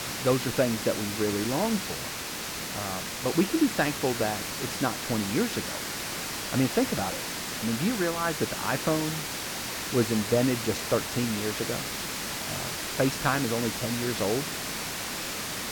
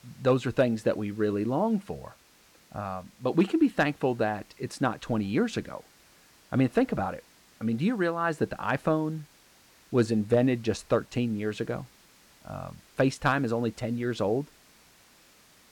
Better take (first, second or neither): second